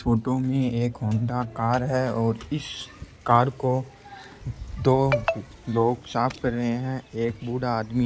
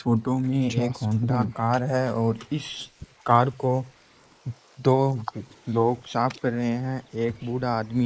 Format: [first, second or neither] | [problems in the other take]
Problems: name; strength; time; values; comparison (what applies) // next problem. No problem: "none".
first | noise reduction (neural mask model Resemble Enhance denoiser)